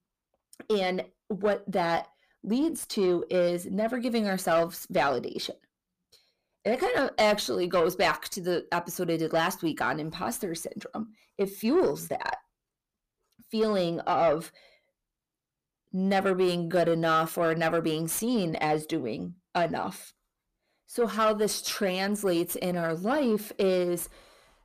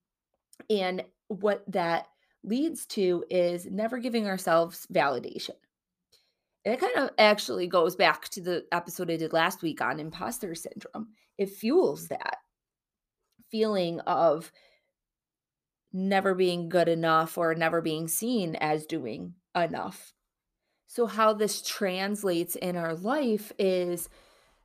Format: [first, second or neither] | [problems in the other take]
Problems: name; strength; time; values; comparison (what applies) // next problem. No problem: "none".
second | distortion; slight; 10 dB below the speech